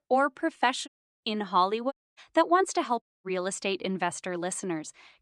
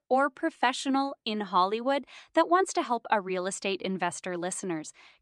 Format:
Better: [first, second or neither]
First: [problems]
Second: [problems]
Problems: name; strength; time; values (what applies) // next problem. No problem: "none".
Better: second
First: audio cutting out; at 1 s, at 2 s and at 3 s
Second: none